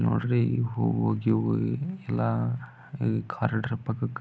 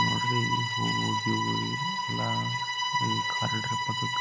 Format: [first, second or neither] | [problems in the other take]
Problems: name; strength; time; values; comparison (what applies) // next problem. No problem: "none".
first | background sound (Bowed string instrument); 3 dB above the speech